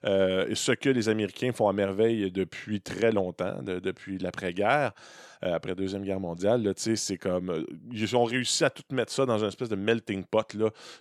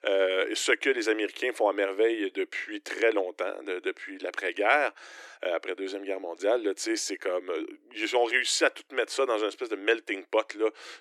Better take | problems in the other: first | thin; somewhat; fading below 300 Hz

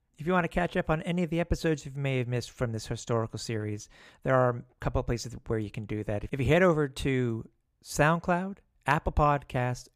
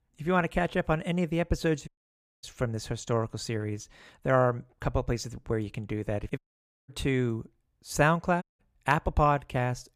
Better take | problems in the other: first | audio cutting out; at 2 s for 0.5 s, at 6.5 s for 0.5 s and at 8.5 s

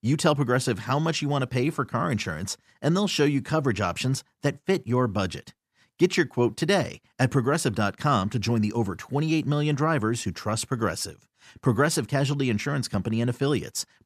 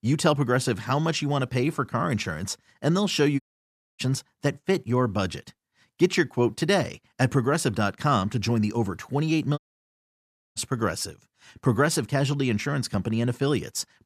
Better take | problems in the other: first | audio cutting out; at 3.5 s for 0.5 s and at 9.5 s for 1 s

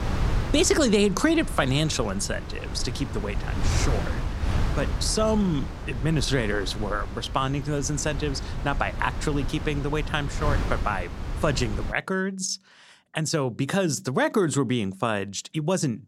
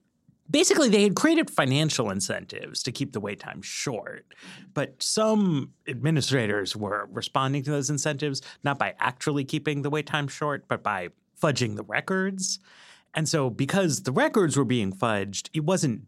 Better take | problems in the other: second | wind noise on the microphone; occasional gusts; until 12 s; 10 dB below the speech

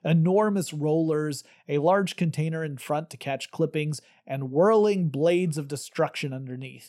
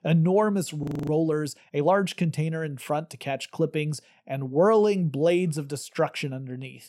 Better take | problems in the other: first | audio freezing; at 1 s

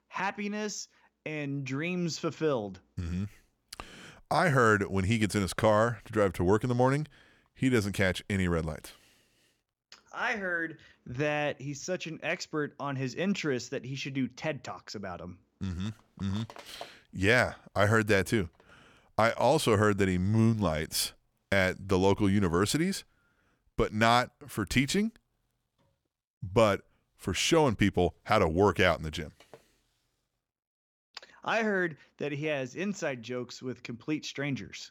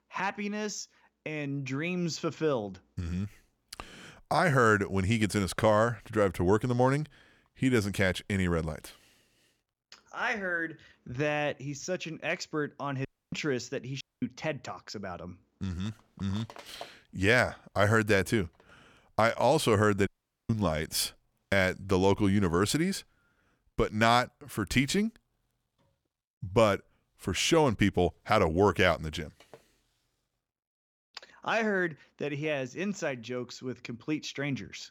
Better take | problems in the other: first | audio cutting out; at 13 s, at 14 s and at 20 s

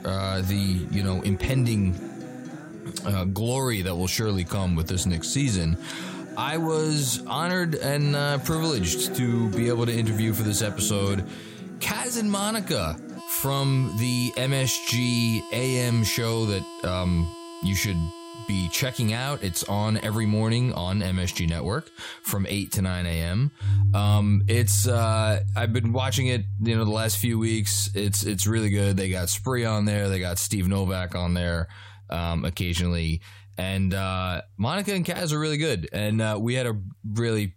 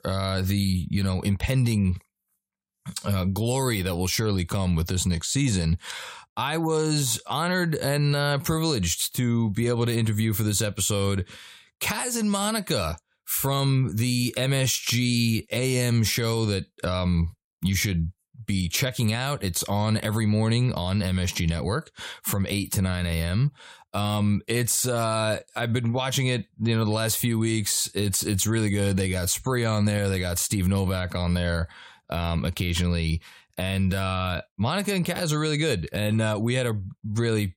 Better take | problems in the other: second | background music; loud; throughout; 7 dB below the speech

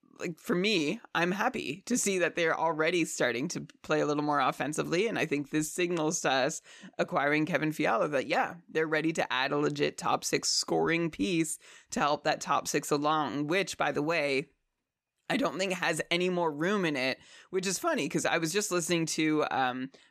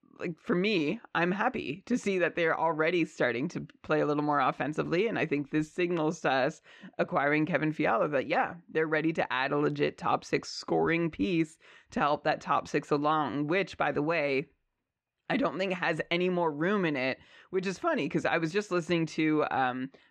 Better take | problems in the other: first | muffled; slightly; fading above 3 kHz

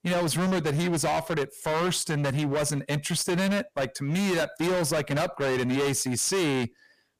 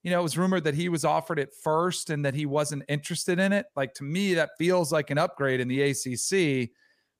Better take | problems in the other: second | distortion; heavy; 31% of the sound clipped

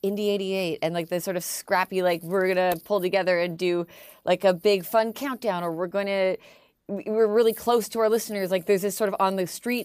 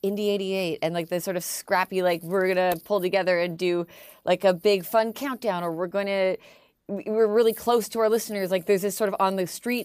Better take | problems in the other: neither | none

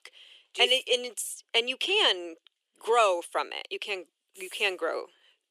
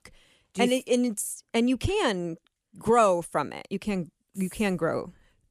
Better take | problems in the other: second | thin; very; fading below 350 Hz

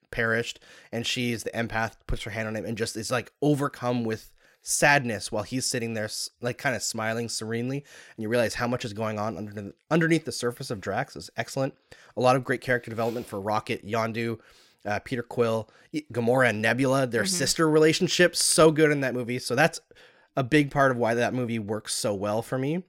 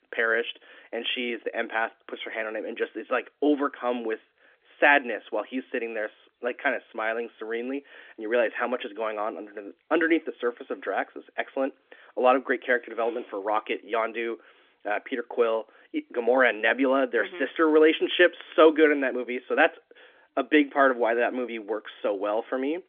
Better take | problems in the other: first | phone-call audio; nothing above 3.5 kHz

